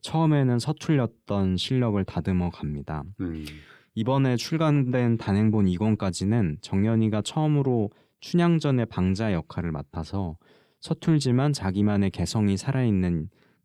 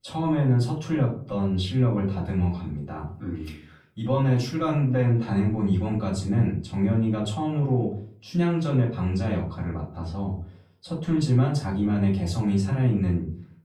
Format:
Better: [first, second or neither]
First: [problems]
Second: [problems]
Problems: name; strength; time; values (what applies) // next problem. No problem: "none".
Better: first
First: none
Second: off-mic speech; far // room echo; slight; dies away in 0.4 s